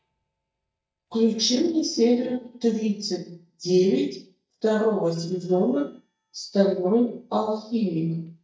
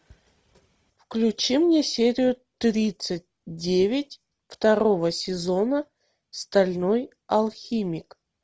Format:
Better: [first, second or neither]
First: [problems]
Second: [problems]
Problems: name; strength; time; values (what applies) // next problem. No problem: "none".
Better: second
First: noise reduction (neural mask model DeepFilterNet 3)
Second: none